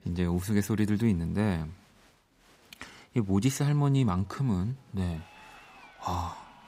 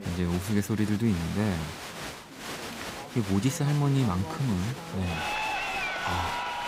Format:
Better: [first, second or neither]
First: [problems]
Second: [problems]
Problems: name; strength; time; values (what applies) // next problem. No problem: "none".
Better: first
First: crowd noise; faint; throughout; 30 dB below the speech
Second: crowd noise; loud; throughout; 6 dB below the speech